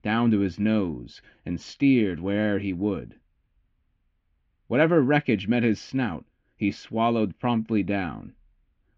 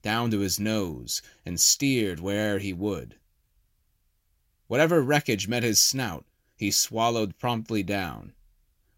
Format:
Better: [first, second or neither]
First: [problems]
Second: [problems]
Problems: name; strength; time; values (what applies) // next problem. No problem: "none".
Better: second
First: muffled; very; fading above 3 kHz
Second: none